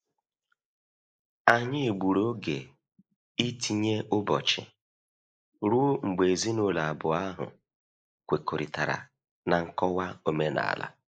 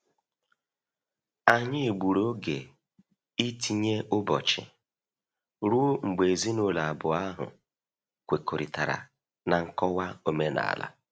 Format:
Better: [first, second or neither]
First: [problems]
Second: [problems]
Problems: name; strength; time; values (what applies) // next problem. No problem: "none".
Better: second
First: noise reduction (neural mask model Resemble Enhance denoiser)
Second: none